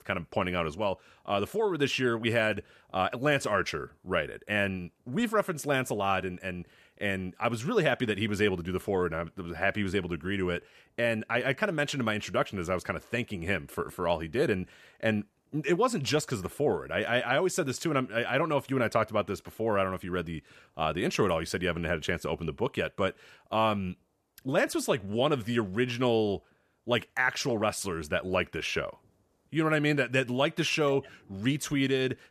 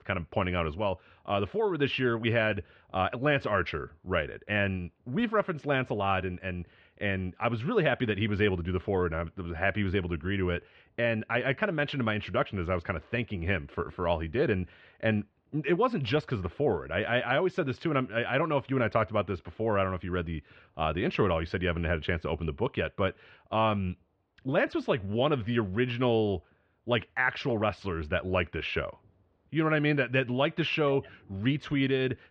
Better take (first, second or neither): first